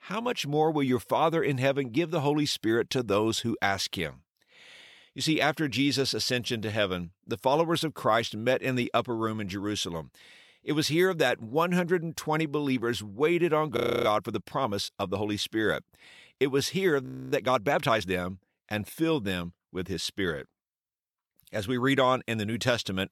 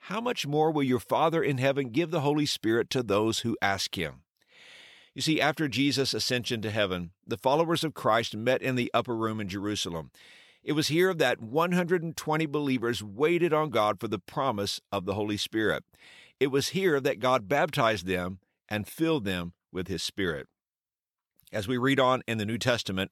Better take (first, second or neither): second